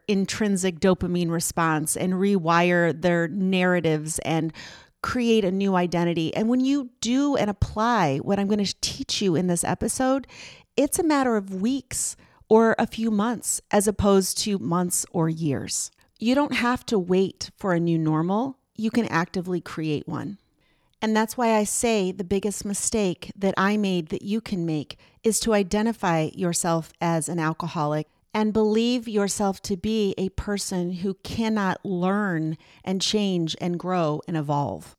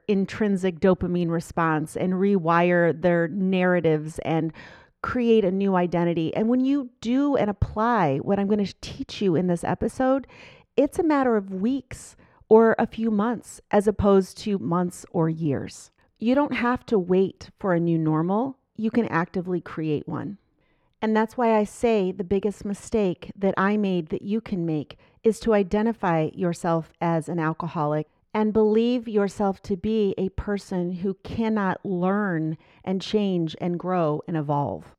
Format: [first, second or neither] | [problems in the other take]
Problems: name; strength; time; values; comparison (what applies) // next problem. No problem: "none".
first | muffled; very; fading above 3.5 kHz